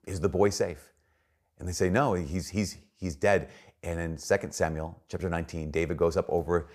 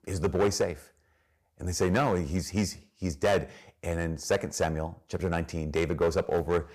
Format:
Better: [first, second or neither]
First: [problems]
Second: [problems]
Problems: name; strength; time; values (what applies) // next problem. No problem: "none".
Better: first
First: none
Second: distortion; slight; 4% of the sound clipped